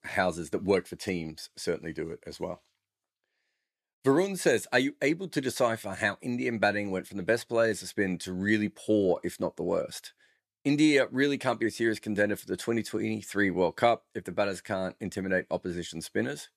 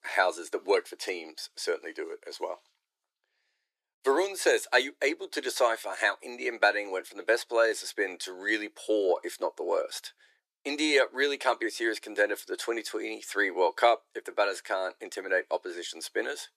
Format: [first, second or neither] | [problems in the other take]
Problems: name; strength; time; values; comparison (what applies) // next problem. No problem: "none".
first | thin; very; fading below 350 Hz